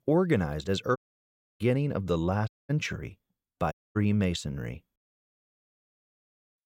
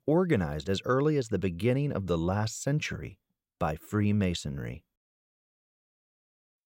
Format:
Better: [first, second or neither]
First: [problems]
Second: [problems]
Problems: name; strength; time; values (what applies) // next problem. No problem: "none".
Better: second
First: audio cutting out; at 1 s for 0.5 s, at 2.5 s and at 3.5 s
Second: none